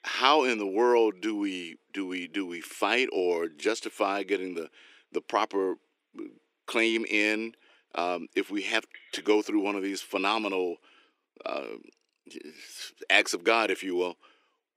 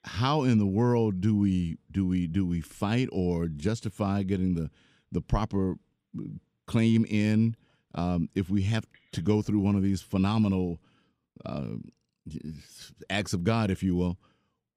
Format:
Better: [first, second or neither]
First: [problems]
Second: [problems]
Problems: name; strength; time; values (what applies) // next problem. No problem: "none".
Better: second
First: thin; very; fading below 350 Hz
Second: none